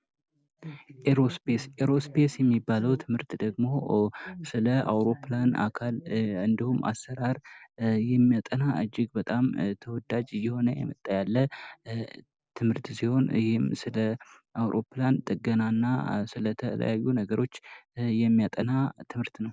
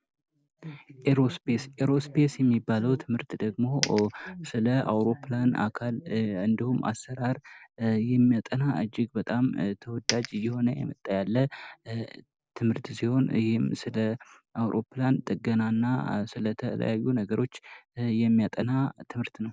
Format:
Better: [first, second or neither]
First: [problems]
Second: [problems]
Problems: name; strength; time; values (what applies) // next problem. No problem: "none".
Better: first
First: none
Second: background sound (Coin (dropping)); 7 dB below the speech